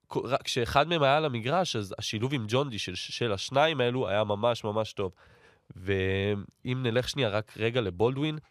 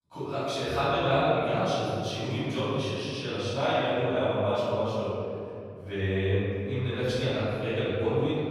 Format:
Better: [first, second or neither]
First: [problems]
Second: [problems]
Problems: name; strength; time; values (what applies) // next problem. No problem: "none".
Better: first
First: none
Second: room echo; strong; dies away in 2.5 s // off-mic speech; far